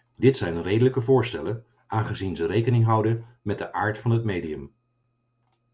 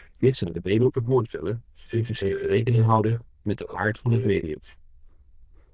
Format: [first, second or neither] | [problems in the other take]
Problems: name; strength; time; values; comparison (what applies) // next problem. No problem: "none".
first | noise reduction (neural diffusion model UNIVERSE++)